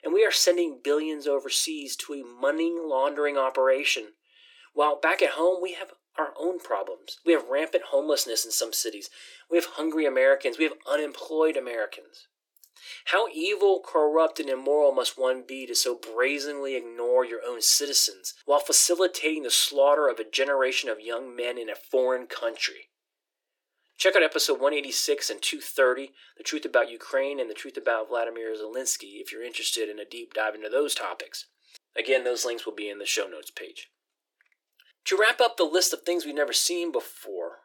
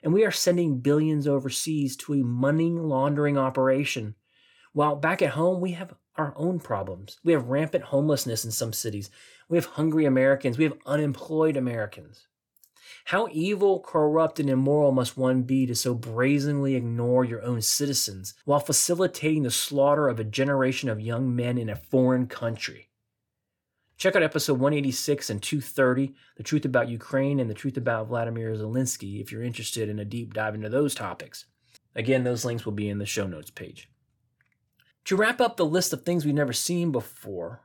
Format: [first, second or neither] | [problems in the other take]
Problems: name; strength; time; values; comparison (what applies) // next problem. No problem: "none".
second | thin; very; fading below 350 Hz